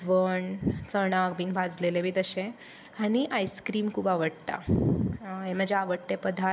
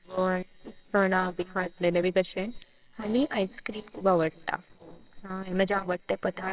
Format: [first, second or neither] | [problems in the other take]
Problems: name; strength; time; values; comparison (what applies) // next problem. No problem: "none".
first | noise reduction (neural separator model SepFormer WHAMR!)